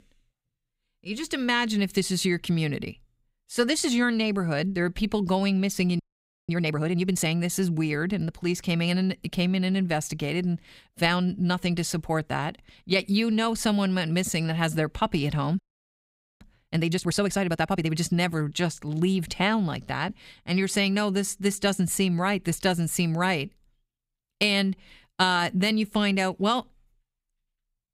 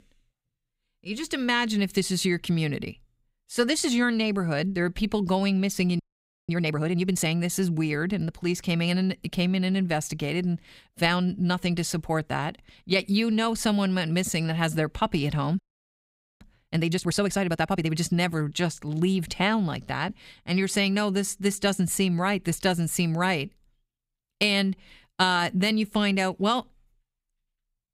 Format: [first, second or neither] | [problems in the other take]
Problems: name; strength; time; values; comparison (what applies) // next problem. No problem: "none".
neither | audio freezing; at 6 s for 0.5 s and at 16 s for 1 s; the same in both